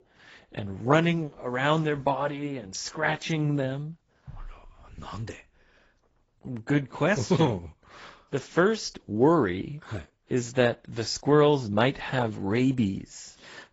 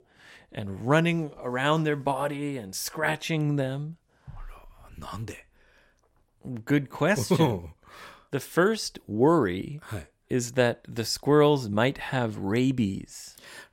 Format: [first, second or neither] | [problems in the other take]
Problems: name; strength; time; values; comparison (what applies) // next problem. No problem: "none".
second | garbled, watery; badly; nothing above 7.5 kHz